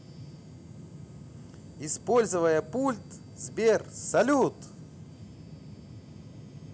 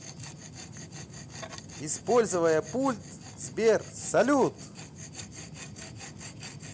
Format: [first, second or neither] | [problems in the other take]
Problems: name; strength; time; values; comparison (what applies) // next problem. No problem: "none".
first | background sound (Tools); 16 dB below the speech